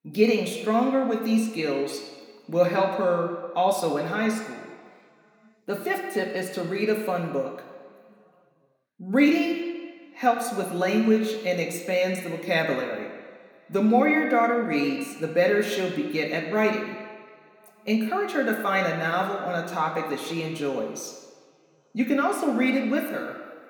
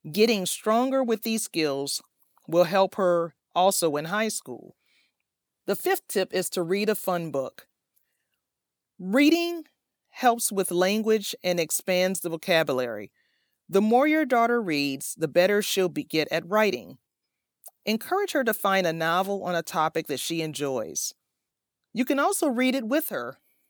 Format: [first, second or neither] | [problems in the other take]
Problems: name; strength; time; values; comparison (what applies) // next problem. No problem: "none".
second | room echo; noticeable; dies away in 1.7 s // off-mic speech; somewhat distant